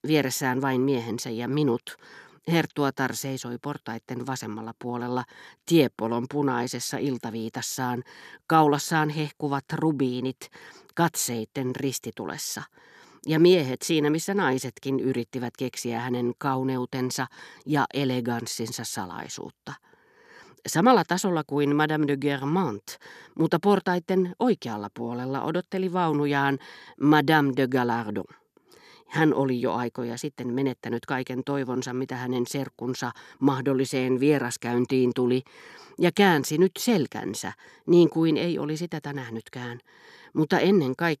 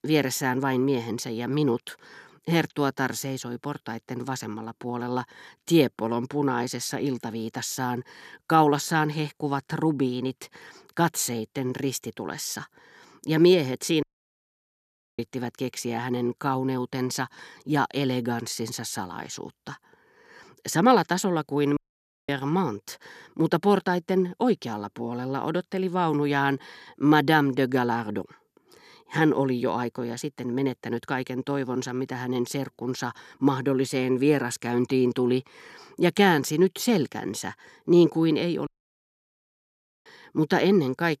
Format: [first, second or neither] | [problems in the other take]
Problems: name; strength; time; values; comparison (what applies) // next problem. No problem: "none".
first | audio cutting out; at 14 s for 1 s, at 22 s for 0.5 s and at 39 s for 1.5 s